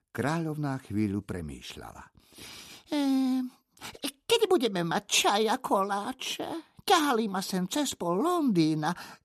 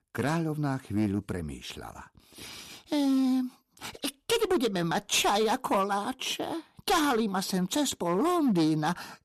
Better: first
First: none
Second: distortion; slight; 7% of the sound clipped

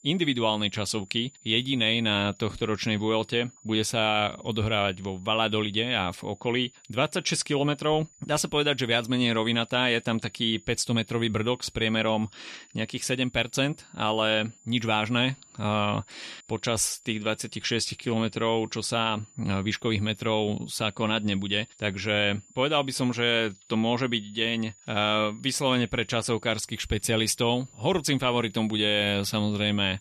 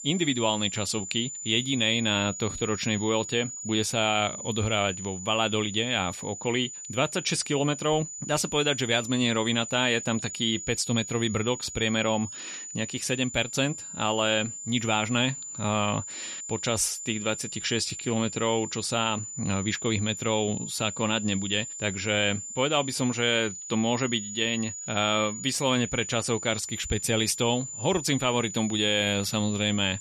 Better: first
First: high-pitched whine; faint; throughout; 7 kHz, 25 dB below the speech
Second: high-pitched whine; loud; throughout; 7 kHz, 9 dB below the speech

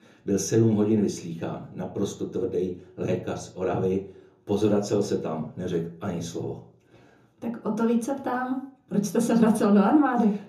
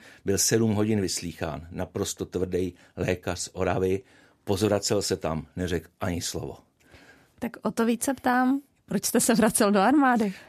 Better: second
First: room echo; slight; dies away in 0.6 s // off-mic speech; somewhat distant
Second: none

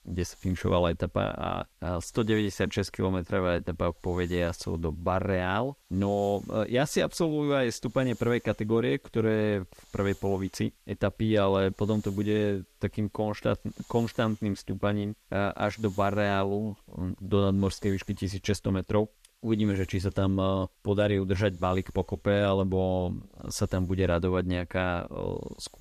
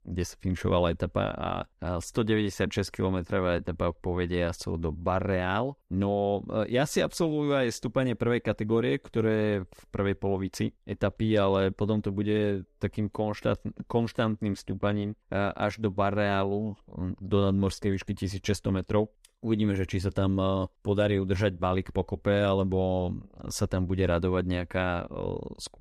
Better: second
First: hiss; faint; throughout; 30 dB below the speech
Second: none

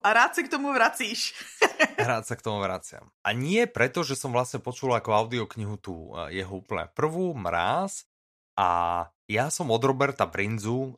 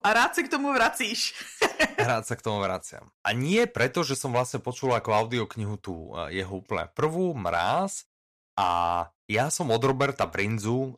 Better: first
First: none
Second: distortion; slight; 3% of the sound clipped

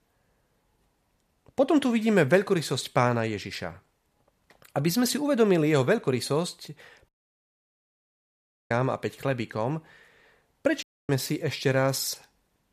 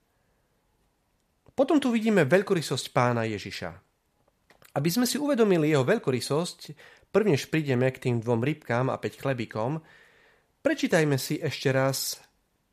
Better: second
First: audio cutting out; at 7 s for 1.5 s and at 11 s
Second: none

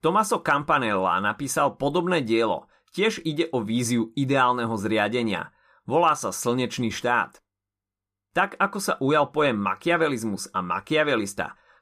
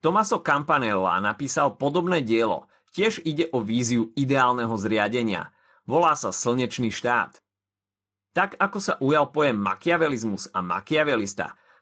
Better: first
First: none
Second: garbled, watery; slightly

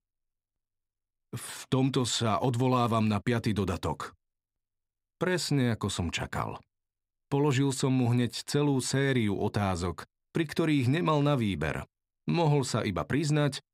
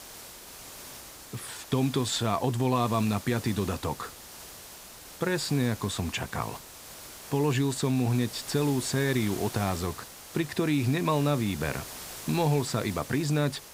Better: first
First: none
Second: hiss; noticeable; throughout; 15 dB below the speech

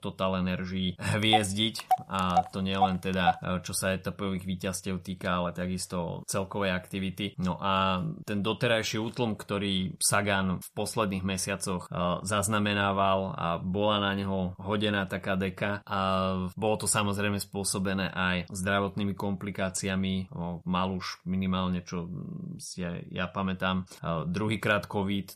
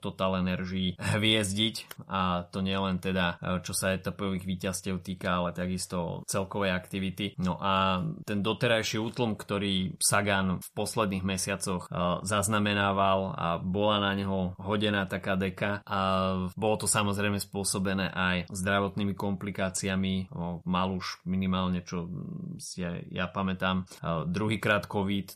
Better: second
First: phone ringing; noticeable; from 1.5 to 3.5 s; peak level with the speech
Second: none

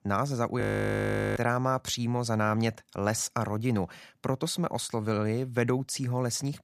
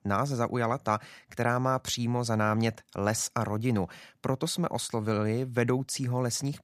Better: second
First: audio freezing; at 0.5 s for 1 s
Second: none

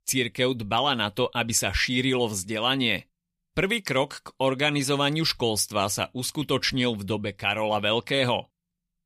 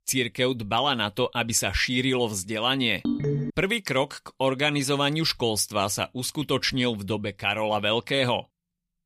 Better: first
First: none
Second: phone ringing; noticeable; at 3 s; peak 2 dB below the speech

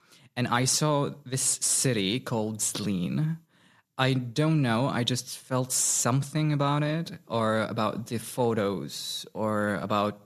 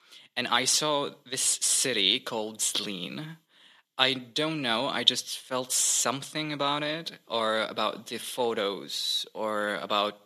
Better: first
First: none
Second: thin; somewhat; fading below 350 Hz

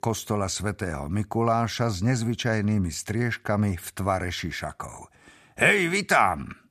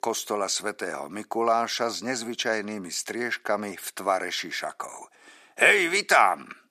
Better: first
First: none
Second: thin; somewhat; fading below 350 Hz

